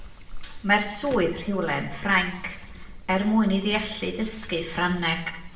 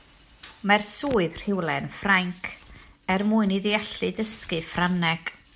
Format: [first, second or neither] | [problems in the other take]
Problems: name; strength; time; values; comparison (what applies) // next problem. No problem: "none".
second | background sound (Trickle, dribble); 12 dB below the speech // room echo; dies away in 0.8 s